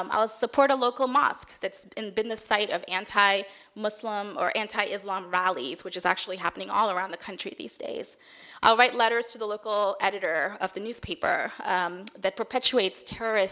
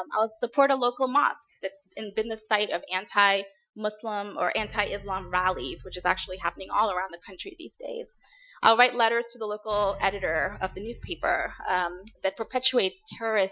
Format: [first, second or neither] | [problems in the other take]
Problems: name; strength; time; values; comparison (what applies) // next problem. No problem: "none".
first | noise reduction (classical method Wiener filter)